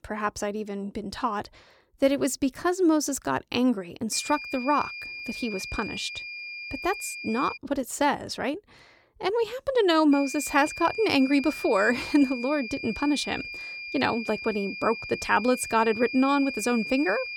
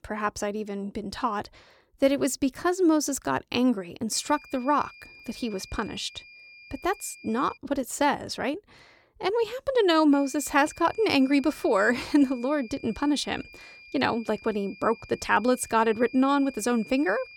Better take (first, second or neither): second